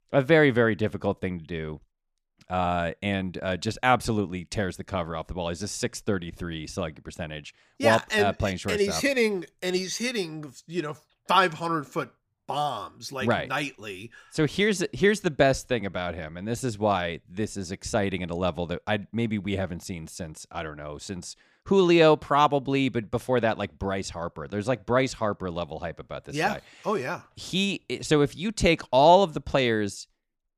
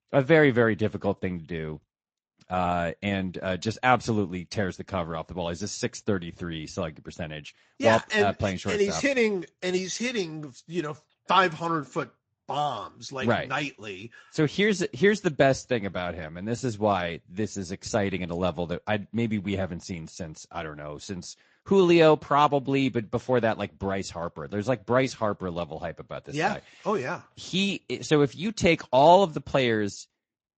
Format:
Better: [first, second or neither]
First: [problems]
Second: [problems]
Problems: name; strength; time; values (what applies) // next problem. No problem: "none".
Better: first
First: none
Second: garbled, watery; slightly; nothing above 7.5 kHz